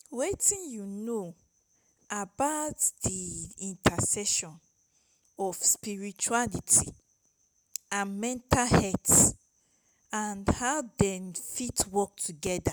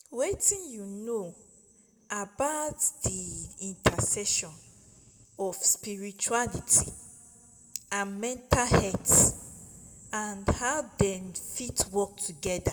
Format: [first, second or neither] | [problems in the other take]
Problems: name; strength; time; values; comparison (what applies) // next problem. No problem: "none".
first | room echo; dies away in 1.9 s